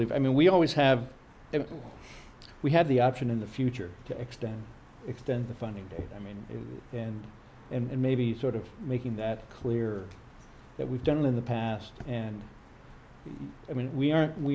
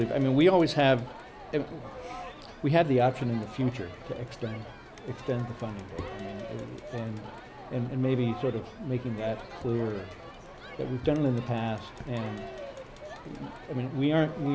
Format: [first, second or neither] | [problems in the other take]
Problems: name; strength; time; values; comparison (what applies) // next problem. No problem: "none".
first | background sound (Crowd); 14 dB below the speech